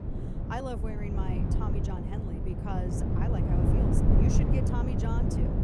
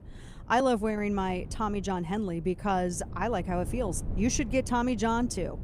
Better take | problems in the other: second | wind noise on the microphone; heavy; 2 dB above the speech; occasional gusts in the second

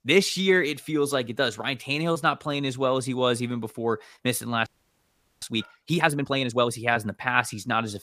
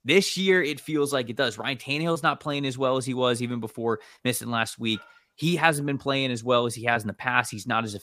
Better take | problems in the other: second | audio freezing; at 4.5 s for 1 s

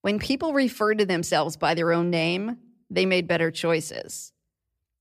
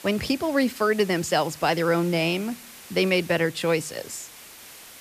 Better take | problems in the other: first | hiss; noticeable; throughout; 20 dB below the speech

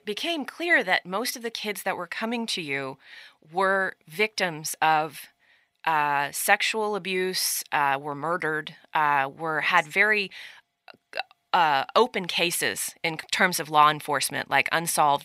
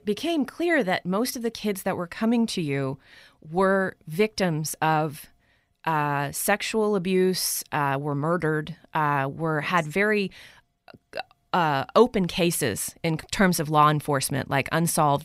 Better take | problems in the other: second | thin; somewhat; fading below 1 kHz

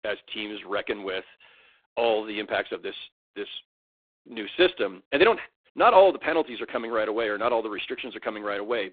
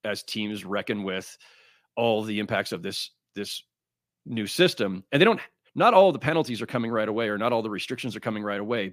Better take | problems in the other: second | phone-call audio; poor line; nothing above 3.5 kHz

